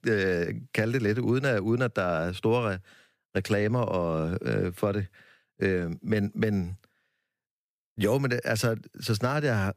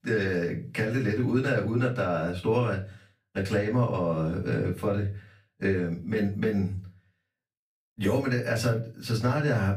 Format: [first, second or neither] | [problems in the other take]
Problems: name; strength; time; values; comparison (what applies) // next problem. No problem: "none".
first | off-mic speech; far // room echo; very slight; dies away in 0.3 s